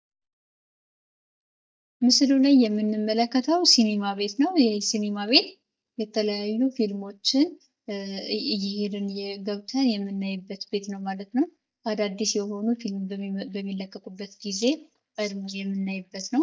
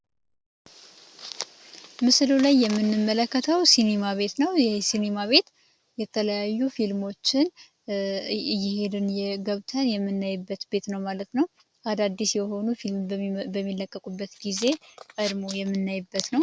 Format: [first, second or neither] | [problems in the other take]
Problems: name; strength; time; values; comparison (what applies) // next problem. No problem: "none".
second | noise reduction (neural mask model DeepFilterNet 3)